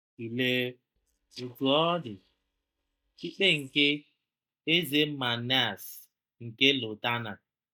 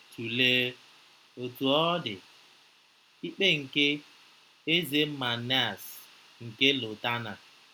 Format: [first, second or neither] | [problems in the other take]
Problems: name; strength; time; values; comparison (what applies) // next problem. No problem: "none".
second | noise reduction (neural mask model DeepFilterNet 3)